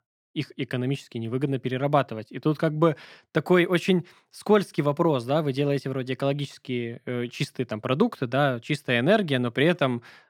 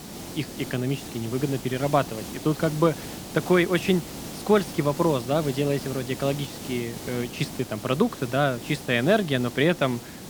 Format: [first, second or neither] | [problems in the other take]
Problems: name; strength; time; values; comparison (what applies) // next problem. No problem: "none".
first | hiss; noticeable; throughout; 10 dB below the speech